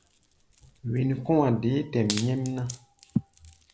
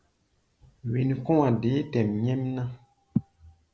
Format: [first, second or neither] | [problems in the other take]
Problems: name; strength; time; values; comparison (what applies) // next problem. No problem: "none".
second | background sound (Wood); 15 dB below the speech